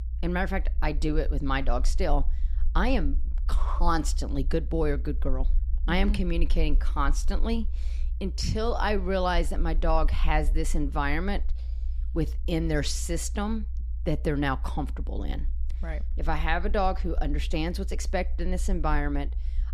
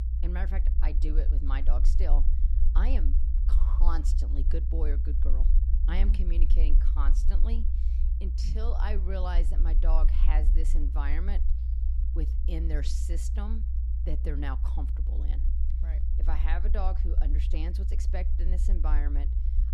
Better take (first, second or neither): first